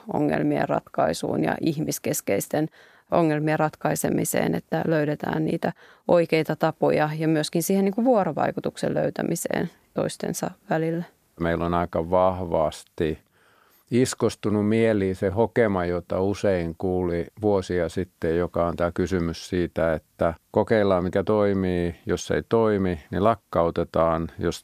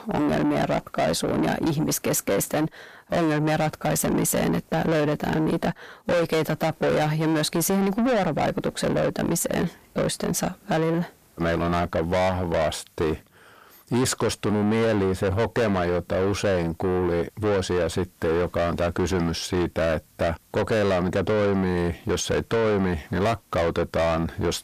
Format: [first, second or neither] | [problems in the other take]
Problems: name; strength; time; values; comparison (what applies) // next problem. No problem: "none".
first | distortion; heavy; 5 dB below the speech